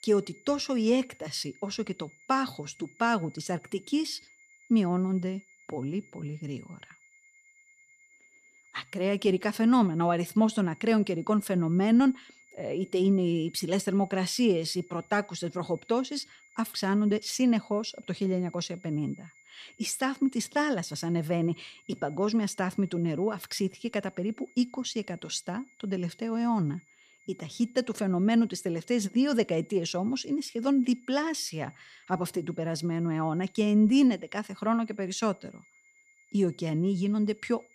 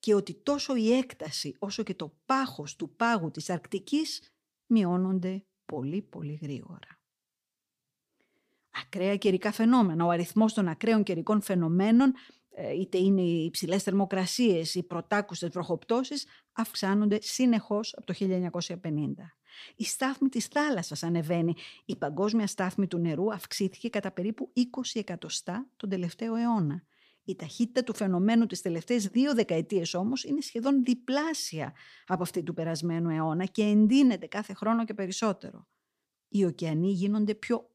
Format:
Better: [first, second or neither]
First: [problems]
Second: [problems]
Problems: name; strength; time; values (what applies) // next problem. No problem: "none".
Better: second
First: high-pitched whine; faint; throughout; 2 kHz, 30 dB below the speech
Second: none